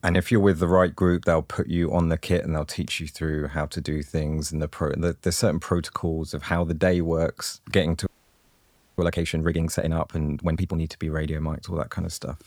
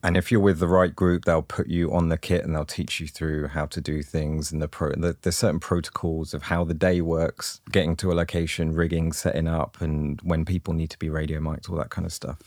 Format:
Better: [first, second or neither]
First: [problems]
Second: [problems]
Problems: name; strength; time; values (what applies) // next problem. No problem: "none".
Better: second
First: audio freezing; at 8 s for 1 s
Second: none